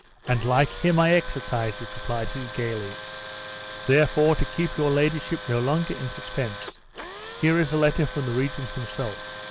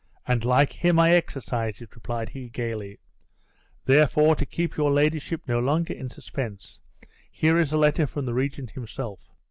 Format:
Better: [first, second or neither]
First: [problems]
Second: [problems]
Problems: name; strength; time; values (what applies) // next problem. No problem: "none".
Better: second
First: background sound (Tools); 12 dB below the speech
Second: none